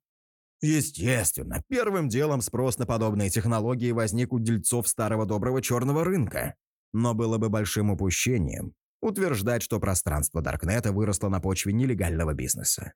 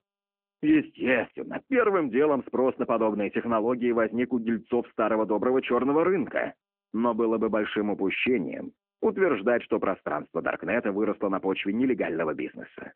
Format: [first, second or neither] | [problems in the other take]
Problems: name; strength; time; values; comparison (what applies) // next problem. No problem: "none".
first | phone-call audio